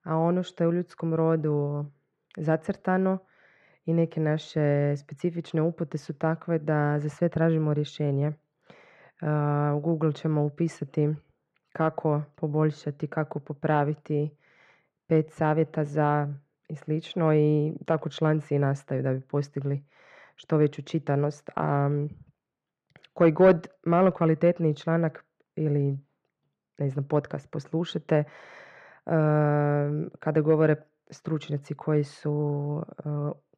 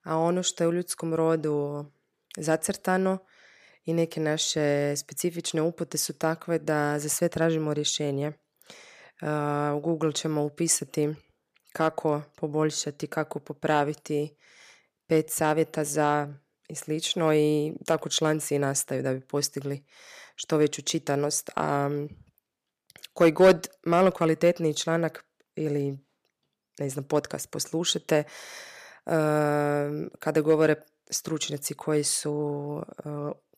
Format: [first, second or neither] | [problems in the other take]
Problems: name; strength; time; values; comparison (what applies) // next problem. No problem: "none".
second | muffled; very; fading above 2 kHz